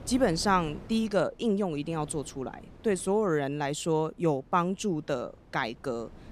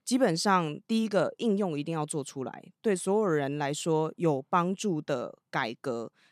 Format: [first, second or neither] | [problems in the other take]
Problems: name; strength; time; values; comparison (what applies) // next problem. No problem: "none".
second | wind noise on the microphone; occasional gusts; 25 dB below the speech